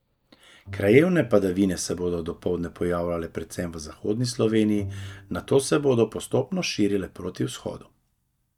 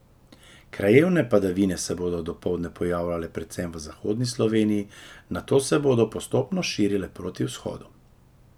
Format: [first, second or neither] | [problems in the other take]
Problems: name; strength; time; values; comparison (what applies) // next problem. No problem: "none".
second | noise reduction (neural mask model DeepFilterNet 3)